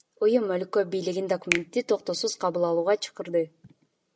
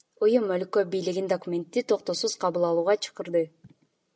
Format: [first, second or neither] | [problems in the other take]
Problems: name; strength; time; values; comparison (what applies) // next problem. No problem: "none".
second | background sound (Finger snapping); 10 dB below the speech